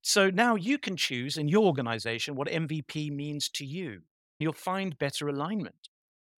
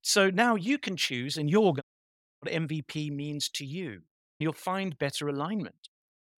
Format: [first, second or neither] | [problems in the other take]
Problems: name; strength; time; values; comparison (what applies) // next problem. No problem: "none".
first | audio cutting out; at 2 s for 0.5 s